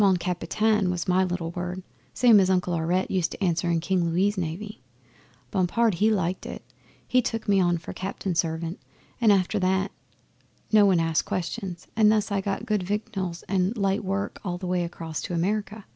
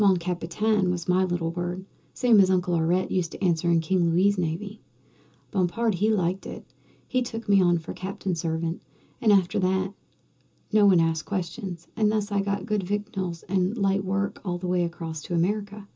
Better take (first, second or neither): first